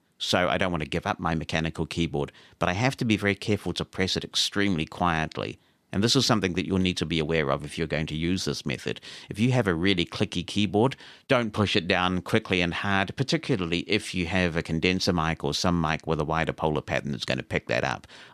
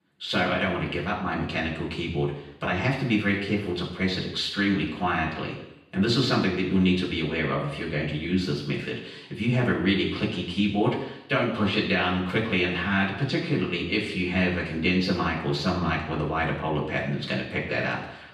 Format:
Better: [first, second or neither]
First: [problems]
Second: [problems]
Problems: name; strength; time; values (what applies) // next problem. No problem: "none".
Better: first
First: none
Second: room echo; noticeable; dies away in 0.9 s // off-mic speech; far